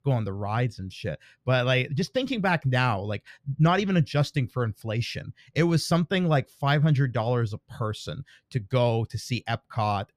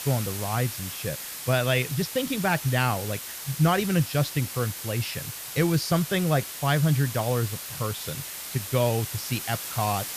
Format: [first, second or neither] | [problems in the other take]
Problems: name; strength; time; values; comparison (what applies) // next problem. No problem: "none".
first | hiss; loud; throughout; 7 dB below the speech